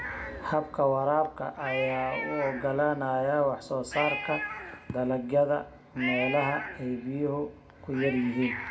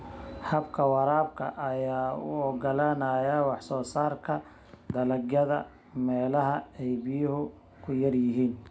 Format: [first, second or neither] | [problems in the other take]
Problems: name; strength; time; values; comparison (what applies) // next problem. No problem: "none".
second | background sound (Cat); 9 dB below the speech // room echo; dies away in 0.6 s